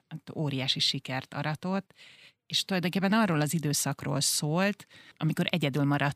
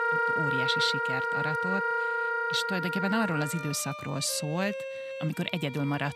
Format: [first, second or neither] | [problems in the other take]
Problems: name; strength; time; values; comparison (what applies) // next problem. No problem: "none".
first | background music; very loud; throughout; 1 dB above the speech